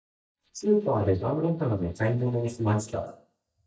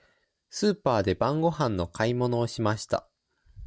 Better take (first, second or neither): second